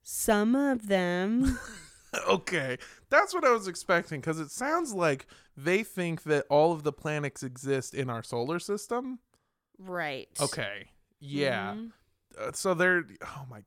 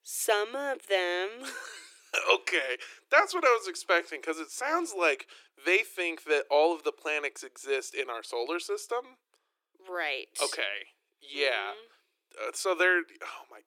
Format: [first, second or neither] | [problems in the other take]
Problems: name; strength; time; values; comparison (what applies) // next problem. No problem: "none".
first | thin; very; fading below 350 Hz